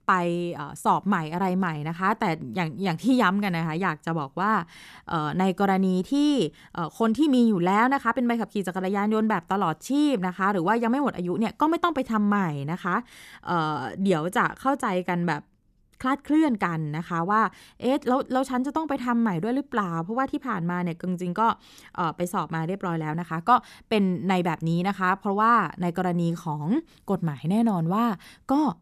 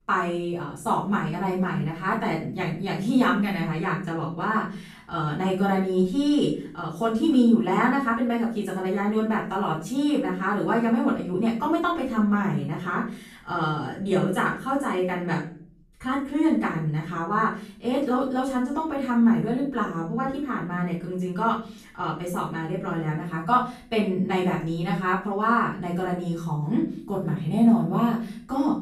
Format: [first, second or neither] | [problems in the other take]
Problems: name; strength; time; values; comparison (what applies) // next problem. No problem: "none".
first | off-mic speech; far // room echo; noticeable; dies away in 0.4 s